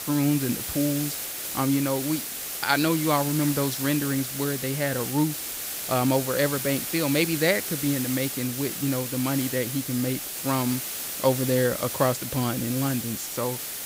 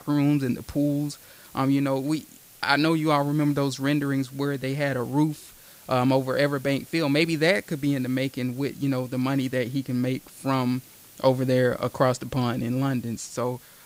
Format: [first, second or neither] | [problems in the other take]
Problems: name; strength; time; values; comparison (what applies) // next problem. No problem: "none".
second | hiss; loud; throughout; 4 dB below the speech; faint in the second